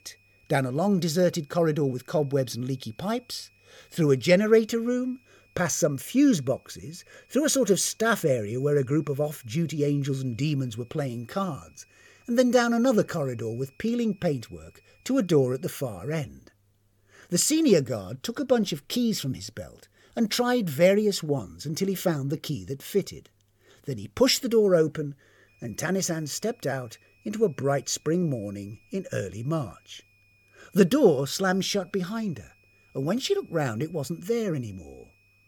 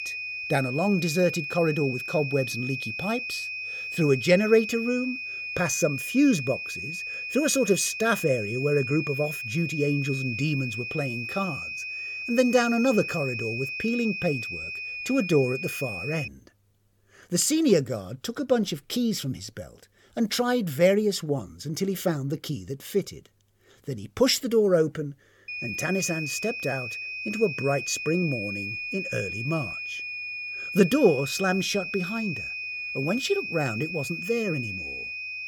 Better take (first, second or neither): first